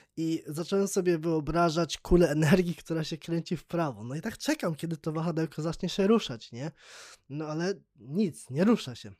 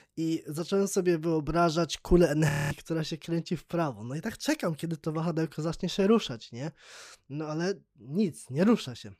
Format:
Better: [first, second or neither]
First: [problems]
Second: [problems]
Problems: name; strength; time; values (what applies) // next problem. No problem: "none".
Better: first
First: none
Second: audio freezing; at 2.5 s